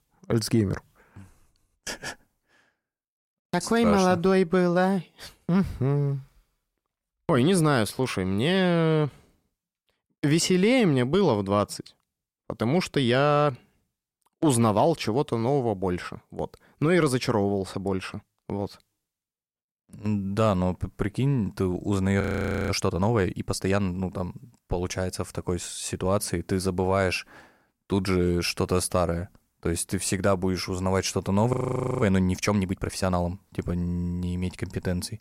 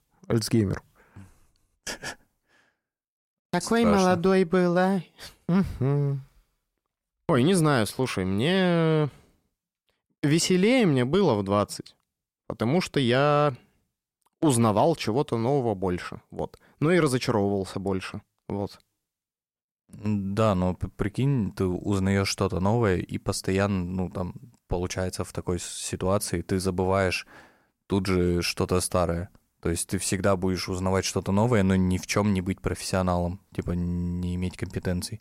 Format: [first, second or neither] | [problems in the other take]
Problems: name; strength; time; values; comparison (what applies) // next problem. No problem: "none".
second | audio freezing; at 22 s and at 32 s